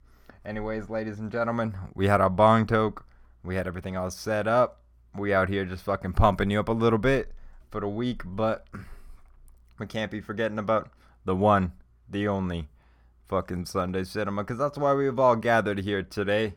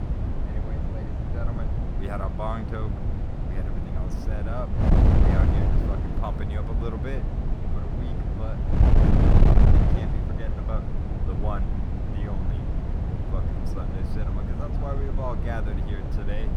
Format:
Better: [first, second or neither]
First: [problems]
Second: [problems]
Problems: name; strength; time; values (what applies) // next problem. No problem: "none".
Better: first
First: none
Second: wind noise on the microphone; heavy; 2 dB above the speech